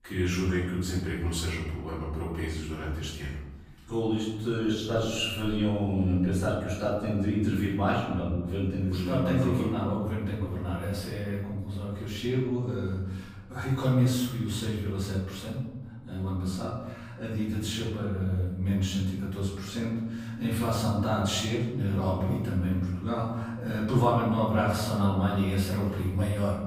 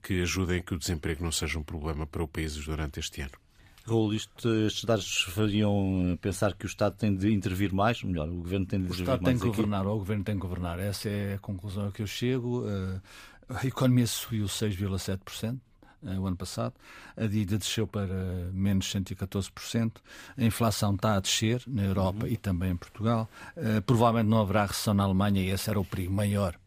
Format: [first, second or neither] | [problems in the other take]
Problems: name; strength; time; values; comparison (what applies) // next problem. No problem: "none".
second | off-mic speech; far // room echo; noticeable; dies away in 1.1 s